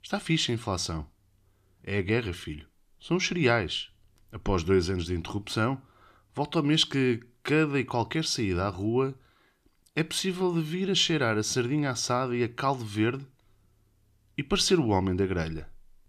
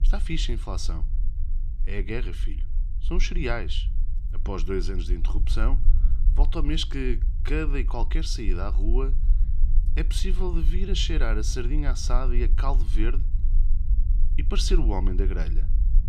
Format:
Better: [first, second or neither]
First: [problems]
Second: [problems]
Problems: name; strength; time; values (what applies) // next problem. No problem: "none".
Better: first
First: none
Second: low rumble; noticeable; throughout; 15 dB below the speech